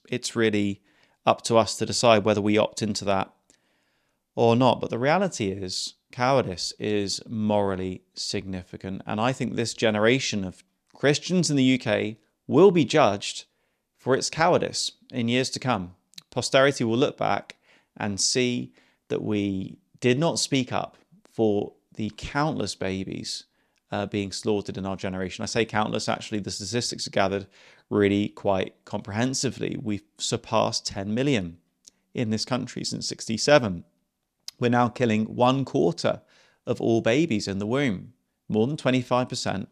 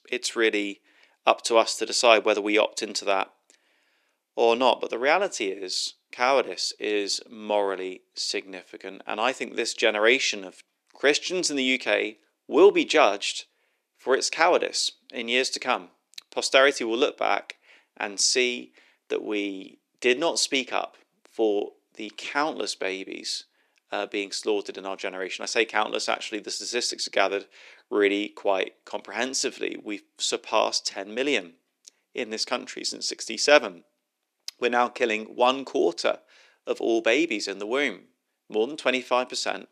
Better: first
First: none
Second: thin; somewhat; fading below 350 Hz

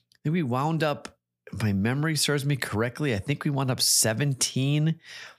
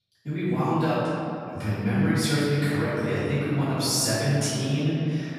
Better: first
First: none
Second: off-mic speech; far // room echo; strong; dies away in 2.6 s

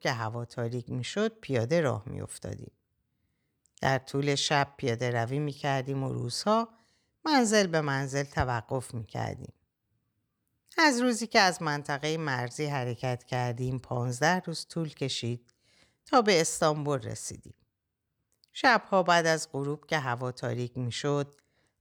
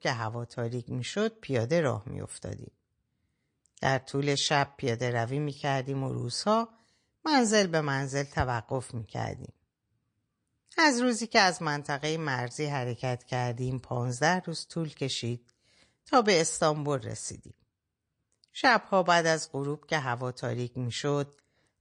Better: first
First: none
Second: garbled, watery; slightly; nothing above 8.5 kHz

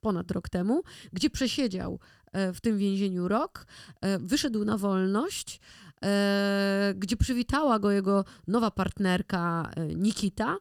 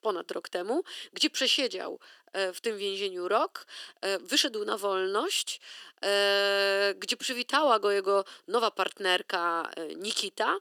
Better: first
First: none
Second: thin; very; fading below 350 Hz

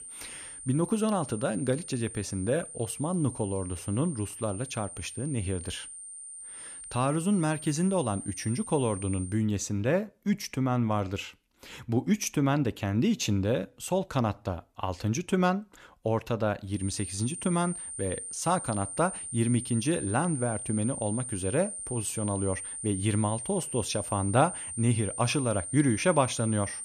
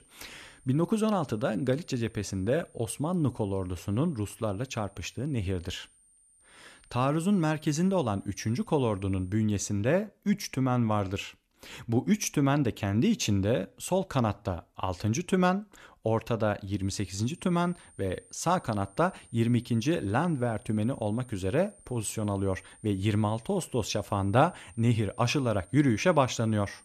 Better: second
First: high-pitched whine; loud; until 9.5 s and from 17 s on; 9 kHz, 8 dB below the speech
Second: high-pitched whine; faint; until 9.5 s and from 17 s on; 9 kHz, 25 dB below the speech

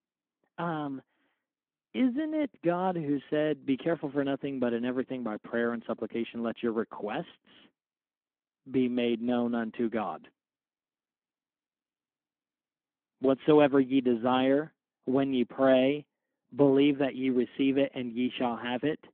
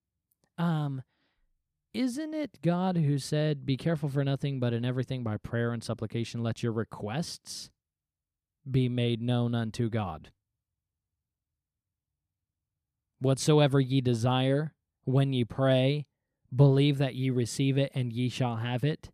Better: second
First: phone-call audio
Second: none

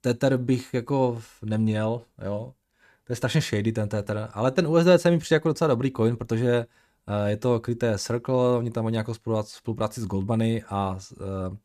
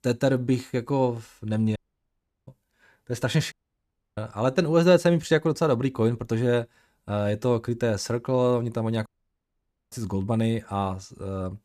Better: first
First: none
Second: audio cutting out; at 2 s for 0.5 s, at 3.5 s for 0.5 s and at 9 s for 1 s

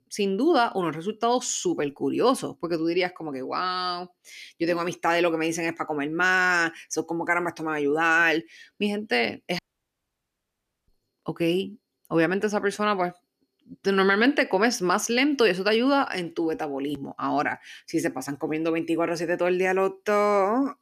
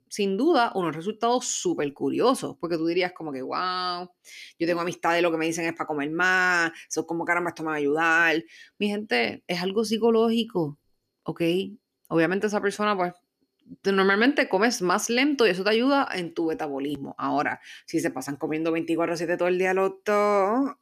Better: second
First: audio cutting out; at 9.5 s for 1.5 s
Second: none

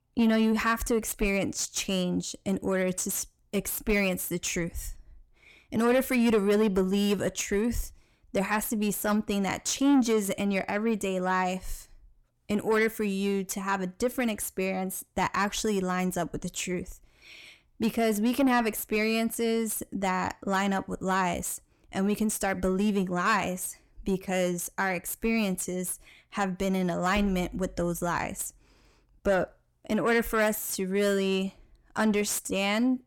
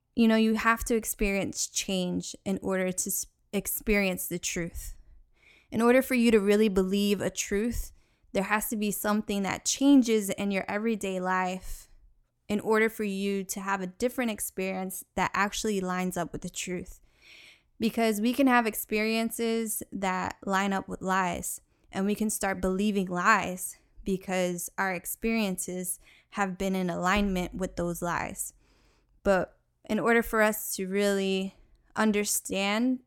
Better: second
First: distortion; slight; 10 dB below the speech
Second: none

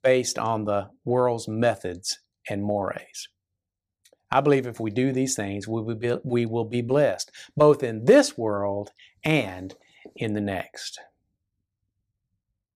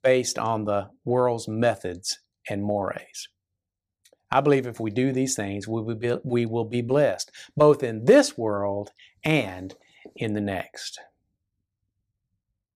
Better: neither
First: none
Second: none

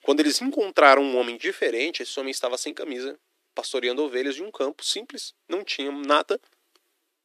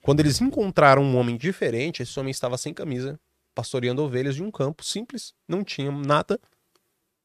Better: second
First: thin; very slightly; fading below 300 Hz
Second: none

